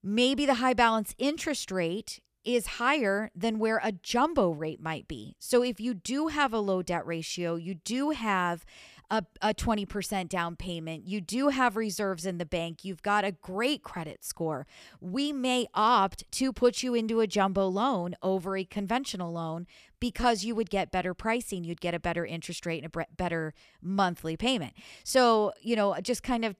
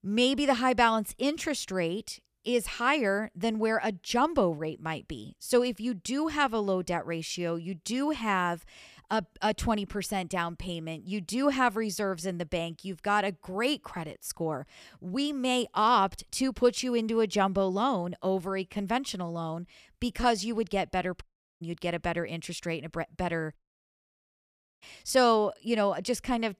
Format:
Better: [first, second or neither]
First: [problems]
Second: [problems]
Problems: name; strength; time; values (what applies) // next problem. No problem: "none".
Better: first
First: none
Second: audio cutting out; at 21 s and at 24 s for 1.5 s